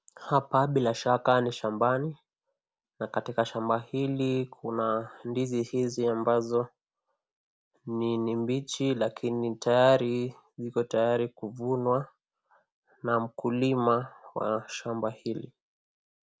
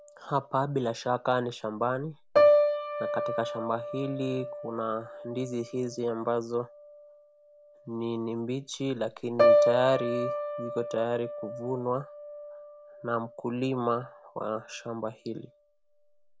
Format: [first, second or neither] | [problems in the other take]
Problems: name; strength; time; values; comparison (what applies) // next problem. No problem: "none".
first | background sound (Piano); 1 dB above the speech